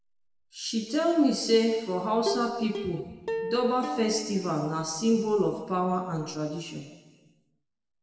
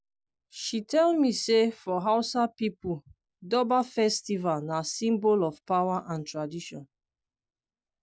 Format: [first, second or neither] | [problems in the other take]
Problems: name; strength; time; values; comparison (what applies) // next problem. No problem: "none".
second | background sound (Plucked string instrument); 8 dB below the speech // room echo; dies away in 1.2 s